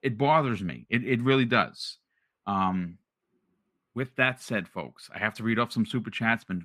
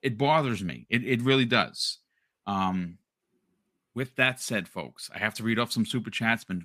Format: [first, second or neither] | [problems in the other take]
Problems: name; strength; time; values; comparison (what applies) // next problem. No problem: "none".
second | muffled; slightly; fading above 3.5 kHz